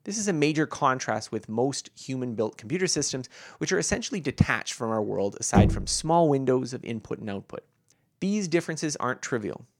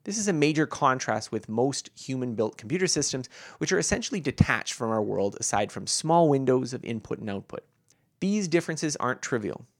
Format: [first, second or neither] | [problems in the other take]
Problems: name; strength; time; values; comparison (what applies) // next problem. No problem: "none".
second | door banging; loud; at 5.5 s; peak 5 dB above the speech